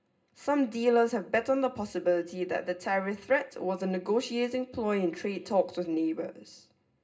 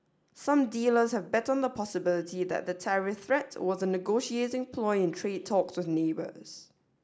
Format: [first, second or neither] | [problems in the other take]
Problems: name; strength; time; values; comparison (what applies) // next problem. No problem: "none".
second | room echo; dies away in 0.2 s